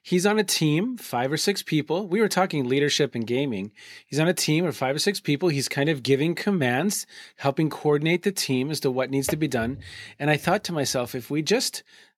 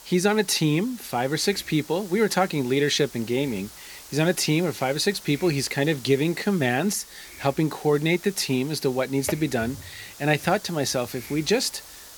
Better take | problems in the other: first | hiss; noticeable; throughout; 20 dB below the speech

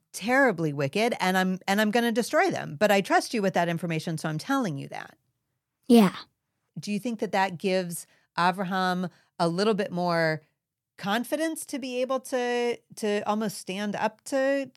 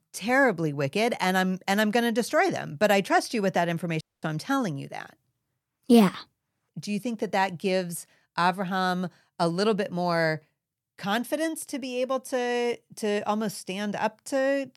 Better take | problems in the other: first | audio cutting out; at 4 s

